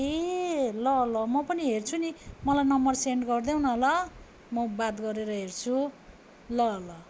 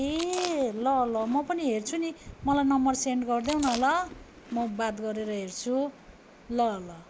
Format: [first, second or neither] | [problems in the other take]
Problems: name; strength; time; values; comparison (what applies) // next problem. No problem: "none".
first | background sound (Chewing, mastication); 16 dB below the speech